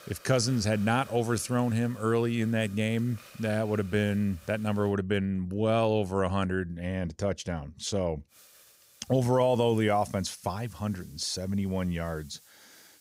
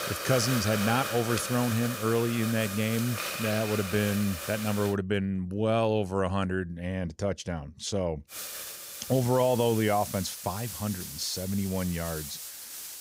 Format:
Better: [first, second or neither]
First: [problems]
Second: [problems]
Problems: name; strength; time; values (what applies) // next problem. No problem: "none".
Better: first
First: hiss; faint; until 5 s and from 8.5 s on; 25 dB below the speech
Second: hiss; loud; until 5 s and from 8.5 s on; 6 dB below the speech